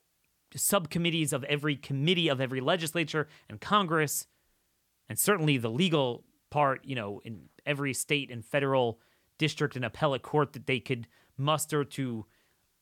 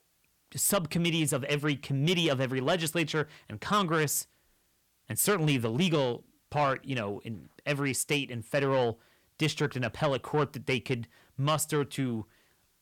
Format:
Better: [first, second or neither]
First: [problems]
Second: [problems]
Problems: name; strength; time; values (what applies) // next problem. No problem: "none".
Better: first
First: none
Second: distortion; slight; 10 dB below the speech